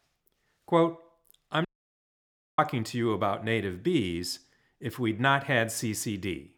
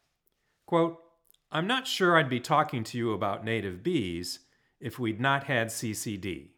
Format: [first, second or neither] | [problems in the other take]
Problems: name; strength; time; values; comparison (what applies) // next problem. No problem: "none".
second | audio cutting out; at 1.5 s for 1 s